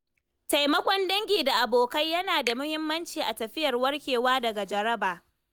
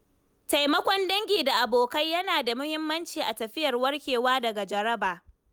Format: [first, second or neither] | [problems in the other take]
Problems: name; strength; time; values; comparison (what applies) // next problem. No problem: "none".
second | noise reduction (neural mask model DeepFilterNet 3)